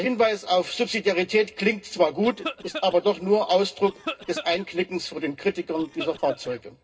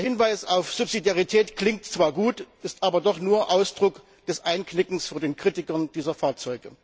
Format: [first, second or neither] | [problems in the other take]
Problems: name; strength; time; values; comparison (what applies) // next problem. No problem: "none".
second | noise reduction (neural separator model SepFormer DNS4)